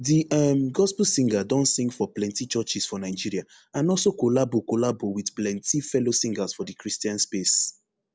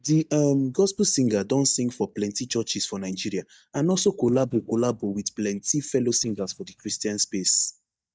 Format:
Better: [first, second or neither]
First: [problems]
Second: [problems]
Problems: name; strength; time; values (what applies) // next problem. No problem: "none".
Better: first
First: none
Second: noise reduction (neural mask model DeepFilterNet 3)